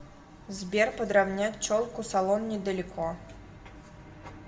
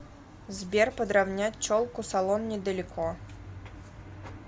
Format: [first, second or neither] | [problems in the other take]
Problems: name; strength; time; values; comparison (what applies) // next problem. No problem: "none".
second | room echo; dies away in 1.5 s